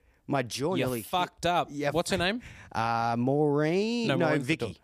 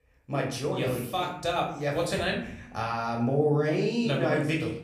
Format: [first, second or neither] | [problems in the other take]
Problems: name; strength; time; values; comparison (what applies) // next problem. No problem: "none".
first | off-mic speech; far // room echo; slight; dies away in 0.5 s